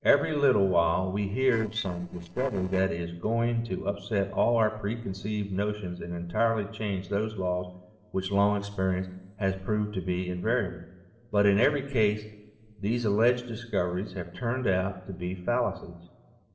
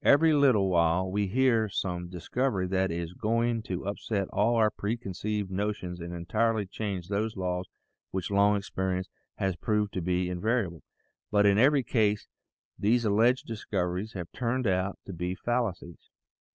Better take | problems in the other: second | noise reduction (neural separator model SepFormer DNS4)

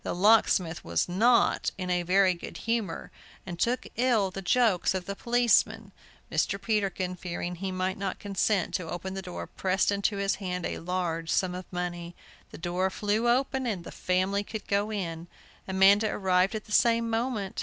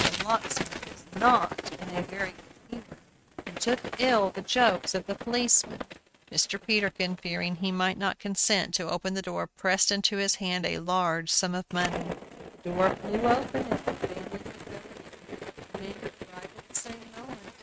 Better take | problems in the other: first | noise reduction (neural mask model RNNoise)

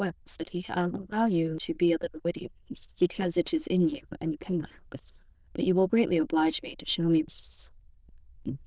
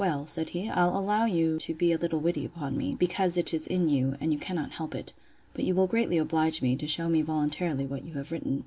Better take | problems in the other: second | noise reduction (neural diffusion model UNIVERSE++)

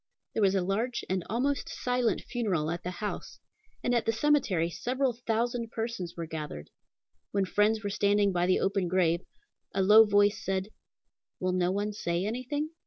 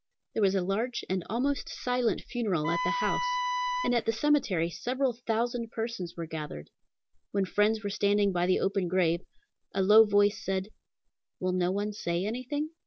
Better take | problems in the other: first | background sound (Wind instrument, woodwind instrument); 2 dB below the speech

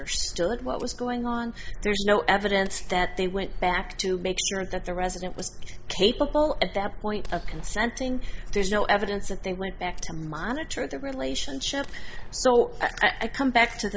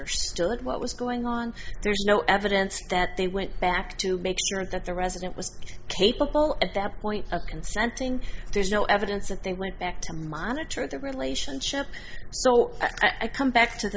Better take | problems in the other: second | background sound (Gunshot, gunfire); 17 dB below the speech

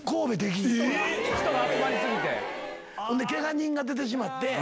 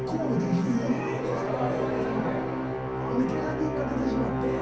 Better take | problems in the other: first | background sound (Musical instrument); 1 dB below the speech // room echo; dies away in 0.6 s

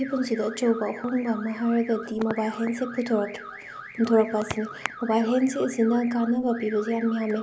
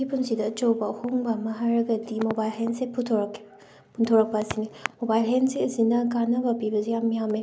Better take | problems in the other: second | background sound (Alarm / Car); 16 dB below the speech

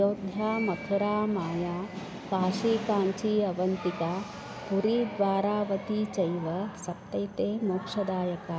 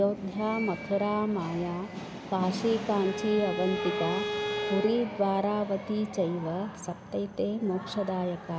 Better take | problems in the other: first | background sound (Bowed string instrument); 5 dB below the speech

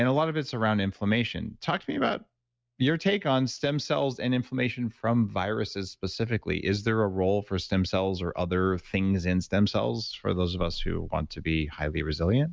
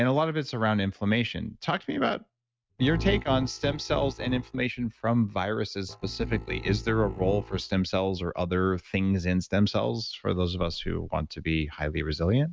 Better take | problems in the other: first | noise reduction (neural mask model RNNoise)

